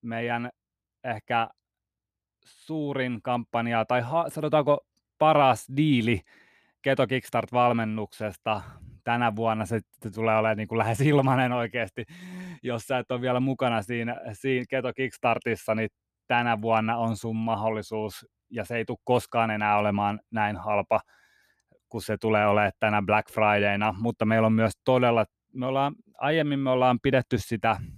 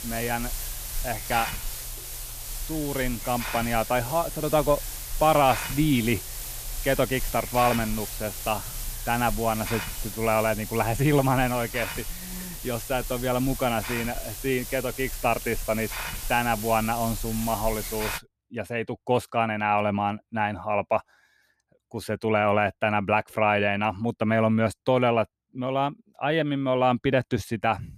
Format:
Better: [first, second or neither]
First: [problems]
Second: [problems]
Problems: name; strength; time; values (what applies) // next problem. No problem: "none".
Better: first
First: none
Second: hiss; loud; until 18 s; 8 dB below the speech